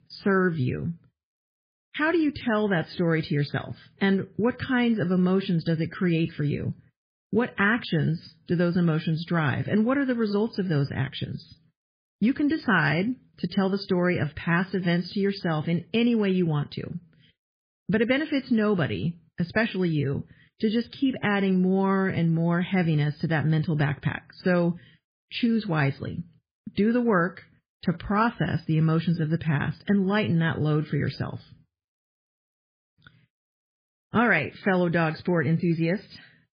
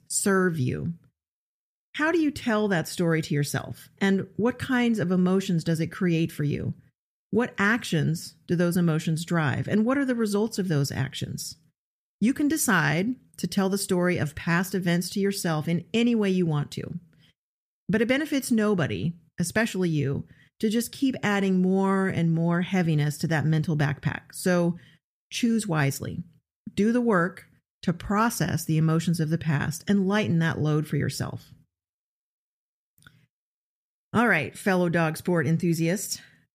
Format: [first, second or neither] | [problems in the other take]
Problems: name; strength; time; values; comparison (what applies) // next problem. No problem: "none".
second | garbled, watery; badly; nothing above 11.5 kHz